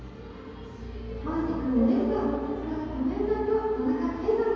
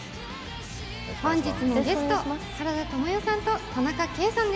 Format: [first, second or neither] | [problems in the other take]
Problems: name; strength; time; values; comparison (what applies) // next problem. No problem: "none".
second | room echo; dies away in 2.2 s